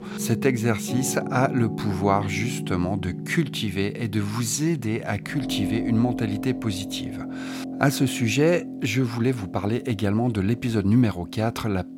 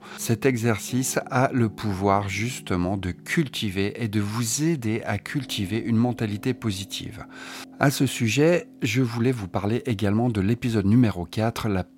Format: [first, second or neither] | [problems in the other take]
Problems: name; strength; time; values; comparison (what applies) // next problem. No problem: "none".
second | background music; loud; throughout; 8 dB below the speech; faint in the second